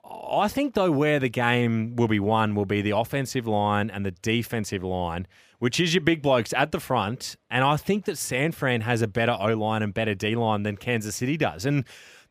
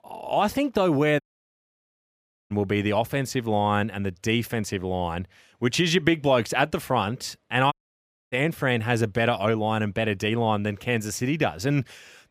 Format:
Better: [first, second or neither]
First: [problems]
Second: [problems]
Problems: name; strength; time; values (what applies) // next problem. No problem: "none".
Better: first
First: none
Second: audio cutting out; at 1 s for 1.5 s and at 7.5 s for 0.5 s